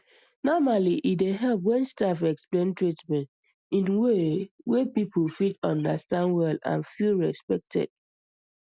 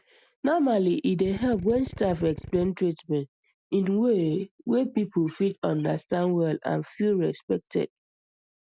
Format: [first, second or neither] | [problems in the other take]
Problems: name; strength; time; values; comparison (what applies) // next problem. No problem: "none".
first | background sound (Drill); 13 dB below the speech